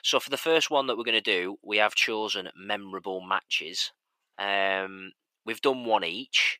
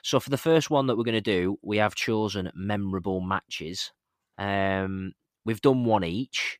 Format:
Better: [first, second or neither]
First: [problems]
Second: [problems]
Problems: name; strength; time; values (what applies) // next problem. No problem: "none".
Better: second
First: thin; somewhat; fading below 500 Hz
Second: none